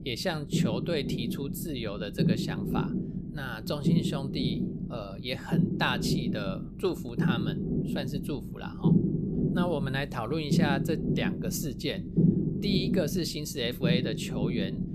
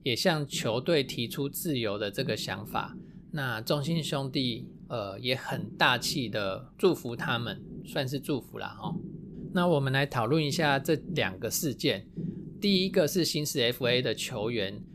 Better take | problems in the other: second | low rumble; loud; throughout; 3 dB below the speech; faint in the second

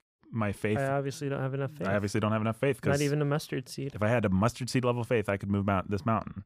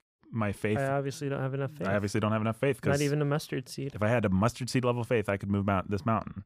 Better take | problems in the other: neither | none

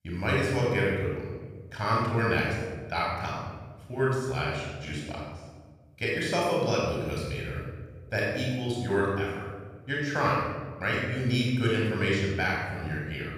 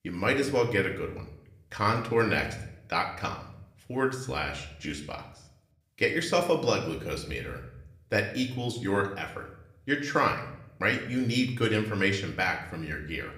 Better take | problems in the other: second | room echo; strong; dies away in 1.3 s; slight in the second // off-mic speech; far; somewhat distant in the second

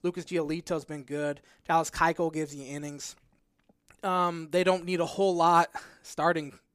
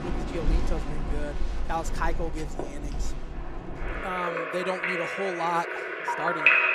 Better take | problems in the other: first | rain or running water; very loud; throughout; 4 dB above the speech

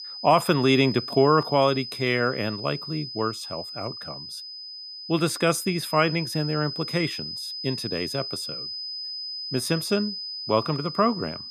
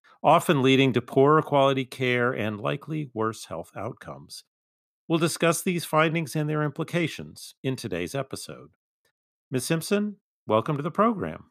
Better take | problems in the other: second | high-pitched whine; loud; throughout; 5 kHz, 8 dB below the speech

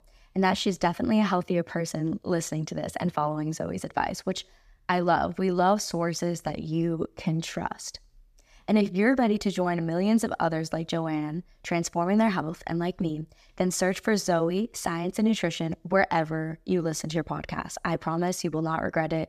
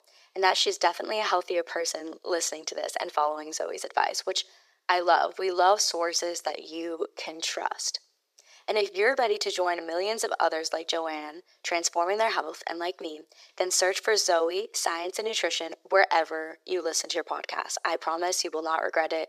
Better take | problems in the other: first | thin; very; fading below 400 Hz

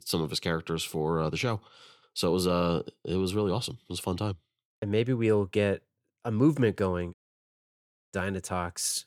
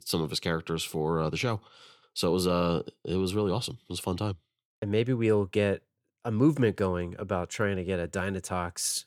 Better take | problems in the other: second | audio cutting out; at 7 s for 1 s

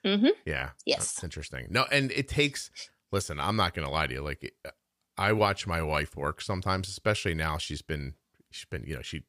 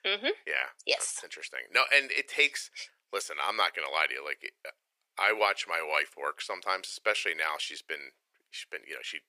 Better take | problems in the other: first | thin; very; fading below 450 Hz

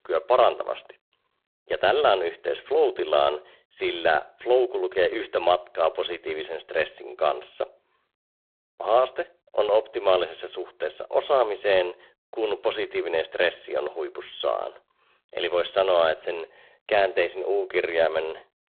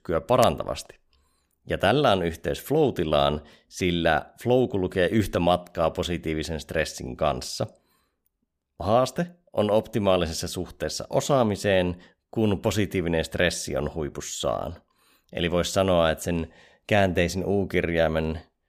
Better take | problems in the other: second | phone-call audio; poor line

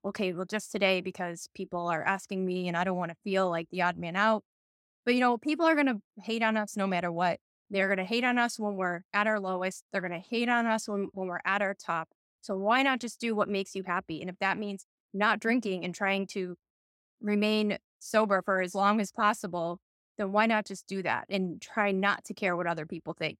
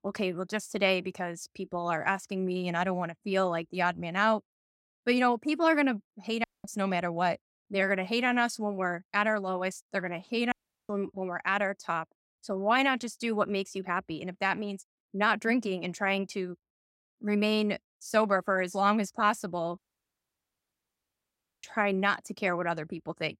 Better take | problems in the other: first | audio cutting out; at 6.5 s, at 11 s and at 20 s for 2 s

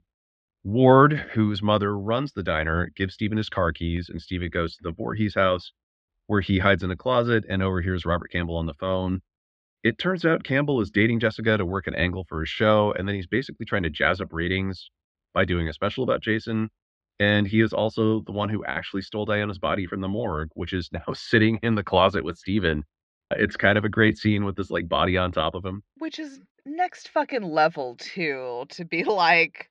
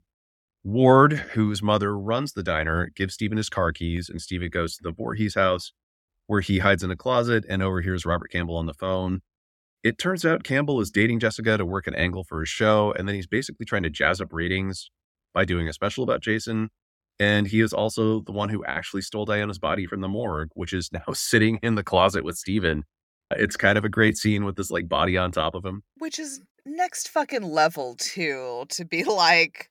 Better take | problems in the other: second | muffled; slightly; fading above 3.5 kHz

